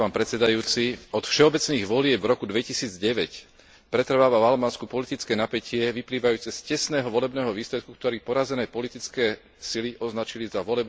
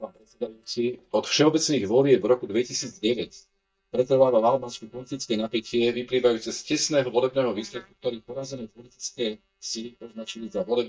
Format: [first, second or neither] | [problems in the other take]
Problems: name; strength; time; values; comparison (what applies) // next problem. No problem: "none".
first | noise reduction (neural mask model DeepFilterNet 3)